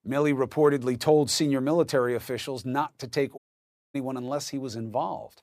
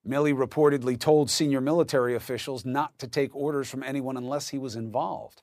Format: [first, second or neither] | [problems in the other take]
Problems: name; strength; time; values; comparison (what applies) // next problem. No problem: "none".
second | audio cutting out; at 3.5 s for 0.5 s